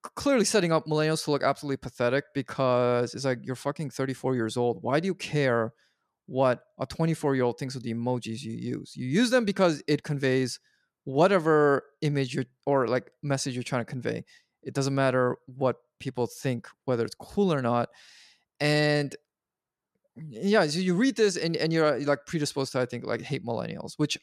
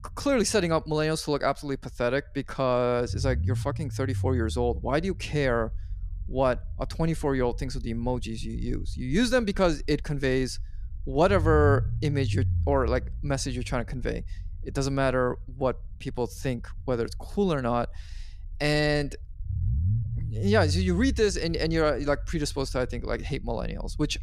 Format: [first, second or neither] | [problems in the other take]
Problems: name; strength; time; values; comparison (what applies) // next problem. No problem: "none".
first | low rumble; faint; throughout; 20 dB below the speech